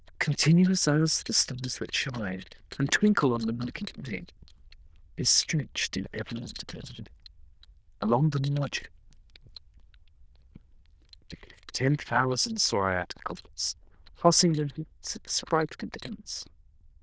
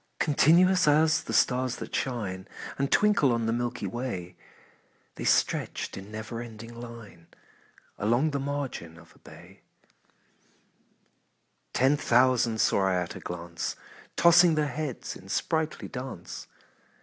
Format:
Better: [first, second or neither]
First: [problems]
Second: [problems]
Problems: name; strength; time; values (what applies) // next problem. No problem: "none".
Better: second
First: noise reduction (neural diffusion model UNIVERSE++)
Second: none